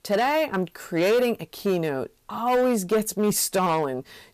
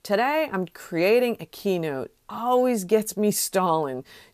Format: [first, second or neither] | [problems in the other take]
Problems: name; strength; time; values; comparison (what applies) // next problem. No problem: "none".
second | distortion; slight; 8% of the sound clipped